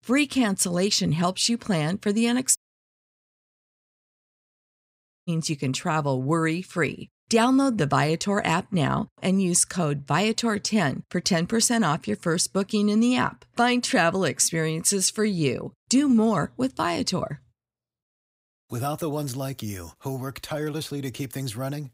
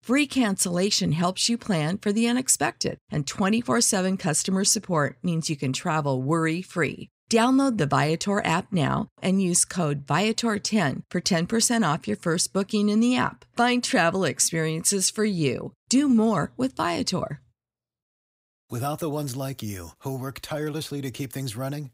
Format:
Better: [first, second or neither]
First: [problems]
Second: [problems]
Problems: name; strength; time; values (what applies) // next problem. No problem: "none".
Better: second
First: audio cutting out; at 2.5 s for 2.5 s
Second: none